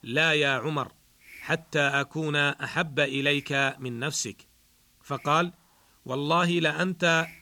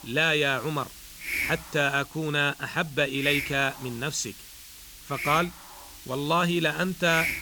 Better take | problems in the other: first | hiss; loud; throughout; 9 dB below the speech; faint in the first

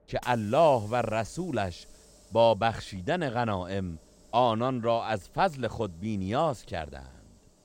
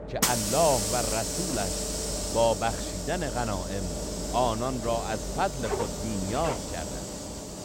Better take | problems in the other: first | hiss; loud; throughout; 1 dB below the speech; faint in the first

